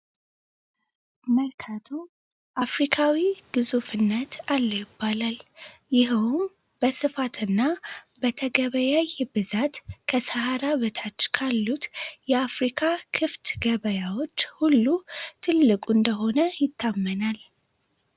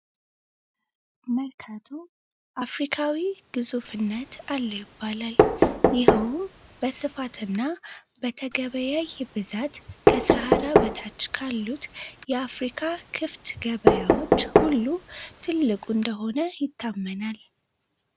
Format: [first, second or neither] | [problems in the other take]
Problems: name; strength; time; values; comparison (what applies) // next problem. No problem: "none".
first | background sound (Knock); 4 dB above the speech